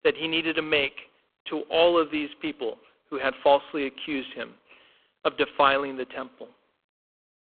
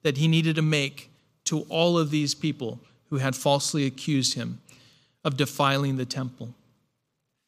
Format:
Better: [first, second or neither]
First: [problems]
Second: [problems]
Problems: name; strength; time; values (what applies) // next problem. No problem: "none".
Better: second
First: phone-call audio; poor line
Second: none